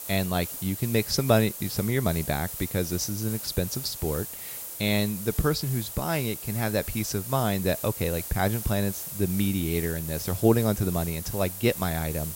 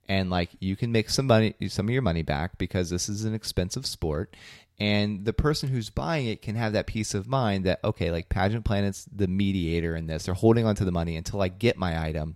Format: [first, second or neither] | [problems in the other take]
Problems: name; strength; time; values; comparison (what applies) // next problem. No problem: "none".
second | hiss; loud; throughout; 7 dB below the speech